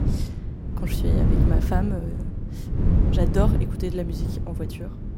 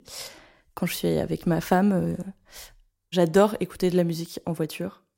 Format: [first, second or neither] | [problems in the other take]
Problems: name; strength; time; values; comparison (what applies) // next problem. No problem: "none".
second | wind noise on the microphone; heavy; 2 dB below the speech